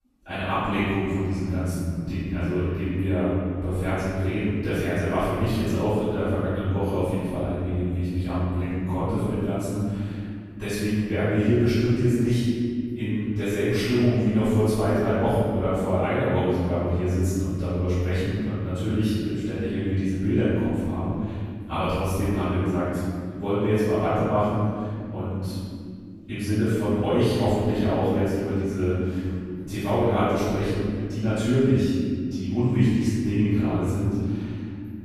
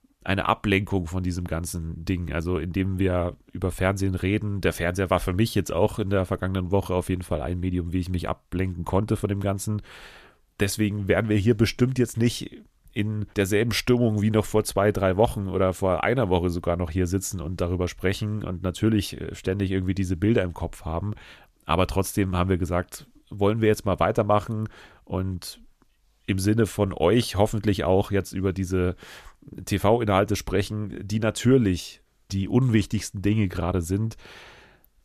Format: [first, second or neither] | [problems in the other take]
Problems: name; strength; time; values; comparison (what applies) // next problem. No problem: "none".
second | room echo; strong; dies away in 2.9 s // off-mic speech; far